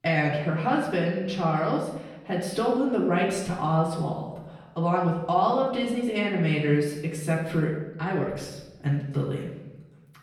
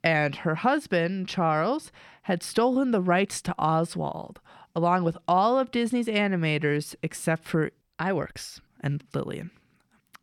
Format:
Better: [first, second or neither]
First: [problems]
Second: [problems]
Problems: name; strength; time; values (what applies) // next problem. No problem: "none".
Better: second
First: off-mic speech; far // room echo; noticeable; dies away in 0.9 s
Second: none